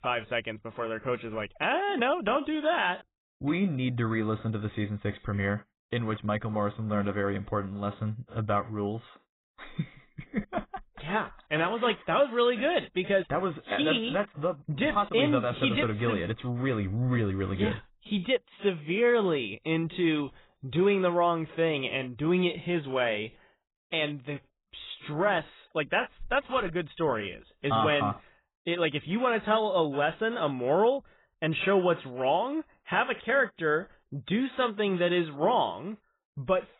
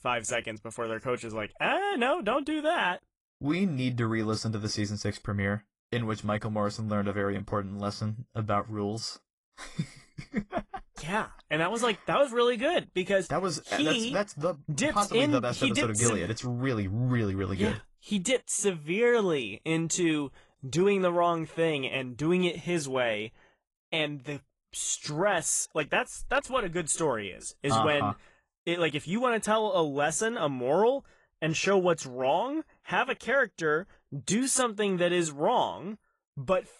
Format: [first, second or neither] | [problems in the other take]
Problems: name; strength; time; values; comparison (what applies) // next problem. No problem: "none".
second | garbled, watery; badly; nothing above 4 kHz; slightly in the second